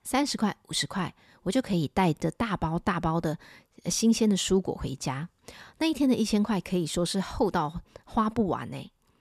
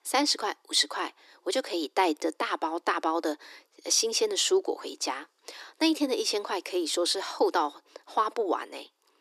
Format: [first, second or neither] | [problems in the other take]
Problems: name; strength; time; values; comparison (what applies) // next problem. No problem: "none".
first | thin; very; fading below 300 Hz